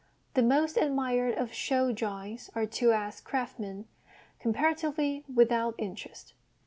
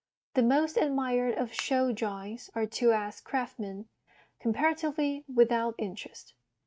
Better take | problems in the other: first | noise reduction (neural mask model RNNoise)

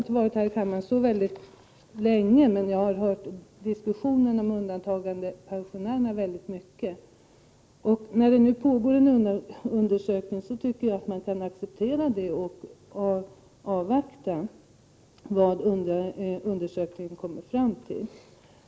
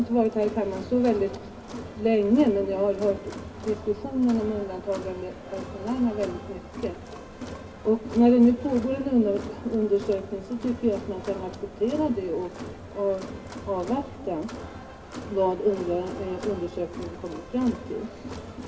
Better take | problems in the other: first | background sound (Crowd); 12 dB below the speech // room echo; dies away in 2.5 s

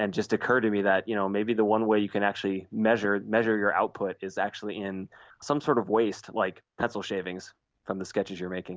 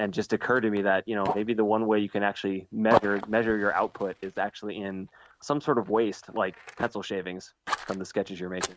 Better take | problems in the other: first | noise reduction (neural mask model RNNoise)

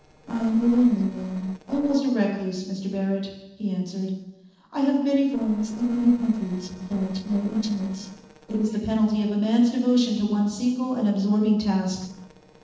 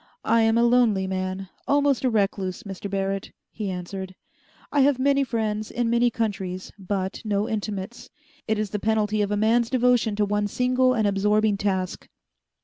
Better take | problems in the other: second | noise reduction (neural separator model SepFormer DNS4)

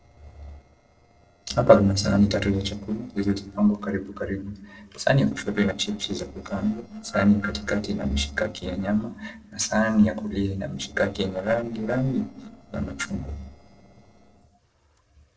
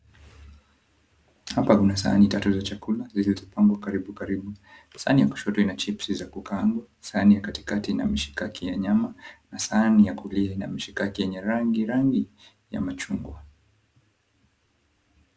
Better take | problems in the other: second | noise reduction (neural separator model SepFormer DNS4)

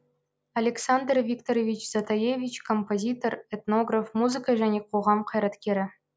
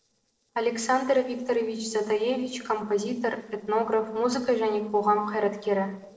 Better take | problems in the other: first | noise reduction (neural separator model SepFormer DNS4)

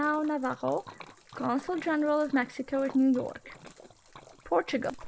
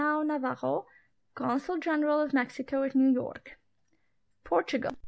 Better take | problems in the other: second | background sound (Splash, splatter); 20 dB below the speech

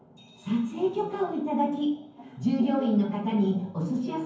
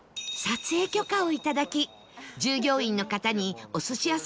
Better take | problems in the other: second | room echo; dies away in 0.9 s

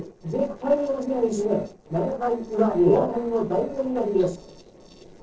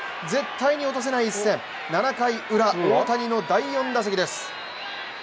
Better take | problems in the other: second | noise reduction (neural separator model SepFormer DNS4)

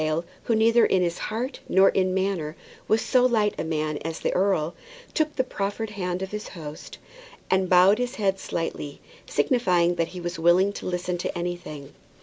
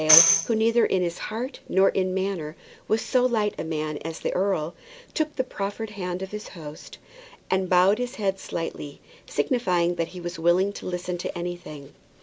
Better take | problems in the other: first | background sound (Tambourine); 2 dB above the speech

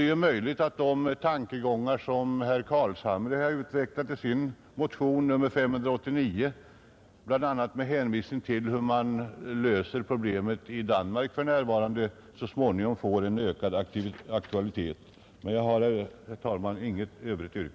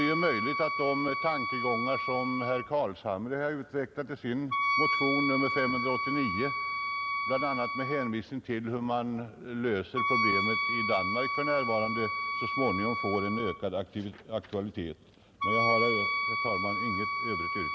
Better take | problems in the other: first | background sound (Wind instrument, woodwind instrument); as loud as the speech

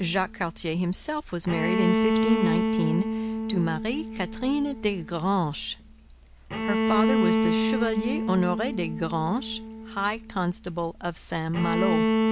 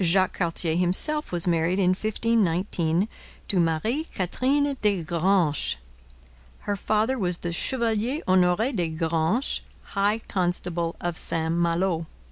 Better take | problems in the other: second | background sound (Bowed string instrument); 1 dB above the speech

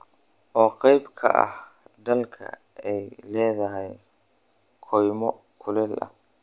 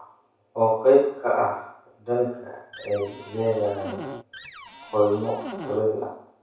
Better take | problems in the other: first | background sound (Cupboard open or close); 13 dB below the speech // room echo; dies away in 0.6 s

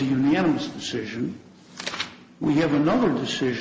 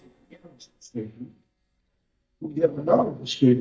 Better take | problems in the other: first | noise reduction (neural mask model DeepFilterNet 3)

